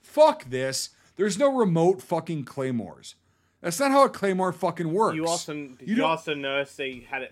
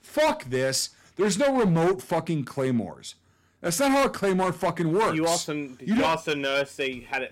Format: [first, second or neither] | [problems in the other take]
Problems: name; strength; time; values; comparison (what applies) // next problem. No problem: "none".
first | distortion; heavy; 11% of the sound clipped